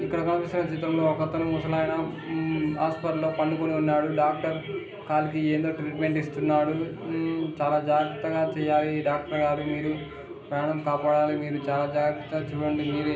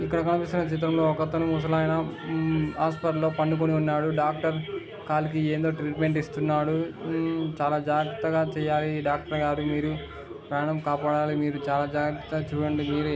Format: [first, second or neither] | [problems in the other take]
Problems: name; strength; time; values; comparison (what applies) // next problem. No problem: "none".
second | room echo; dies away in 0.5 s